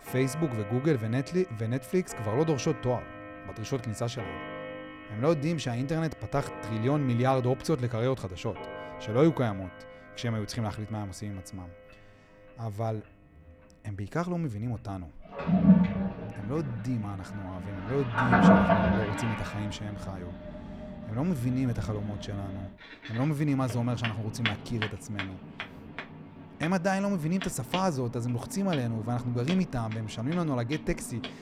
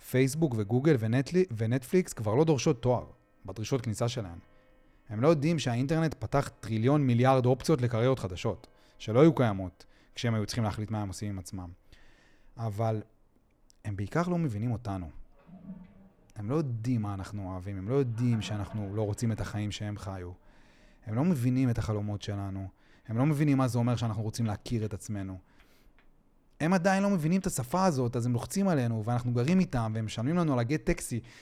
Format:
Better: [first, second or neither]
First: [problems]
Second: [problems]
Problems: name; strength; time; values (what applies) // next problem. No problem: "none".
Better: second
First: household noises; loud; throughout; 1 dB below the speech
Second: household noises; faint; throughout; 30 dB below the speech